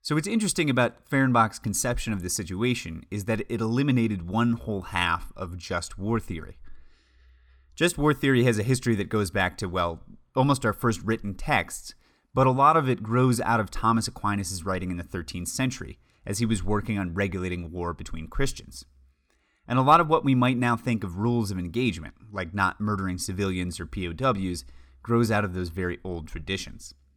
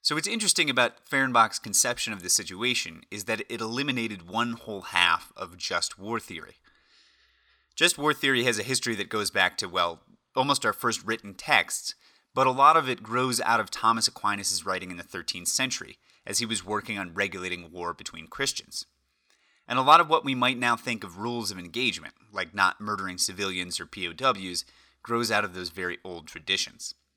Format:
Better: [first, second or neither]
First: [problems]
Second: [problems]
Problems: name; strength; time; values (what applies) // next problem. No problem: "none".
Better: first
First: none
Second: thin; somewhat; fading below 800 Hz